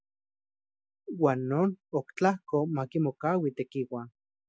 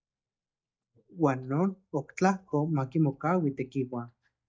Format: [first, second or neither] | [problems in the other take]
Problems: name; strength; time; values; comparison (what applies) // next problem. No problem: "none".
first | noise reduction (neural mask model DeepFilterNet 3)